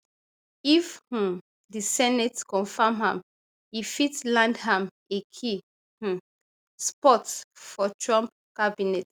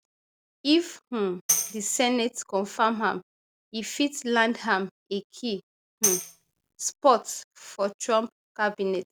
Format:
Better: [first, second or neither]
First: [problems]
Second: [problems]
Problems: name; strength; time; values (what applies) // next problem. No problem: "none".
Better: first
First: none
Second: background sound (Tambourine); 4 dB below the speech